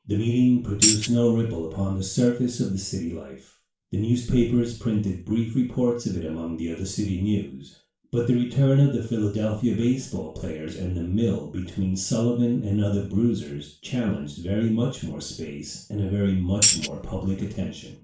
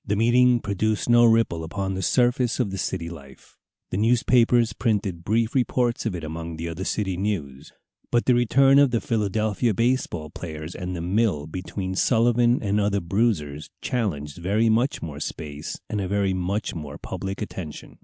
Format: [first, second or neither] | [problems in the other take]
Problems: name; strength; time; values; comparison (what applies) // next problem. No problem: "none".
second | background sound (Tambourine); 1 dB above the speech // room echo; dies away in 0.3 s